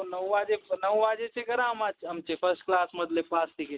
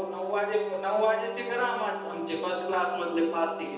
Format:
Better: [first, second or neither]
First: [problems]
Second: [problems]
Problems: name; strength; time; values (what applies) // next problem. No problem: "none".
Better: first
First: none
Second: background sound (Brass instrument); 10 dB below the speech // room echo; dies away in 0.9 s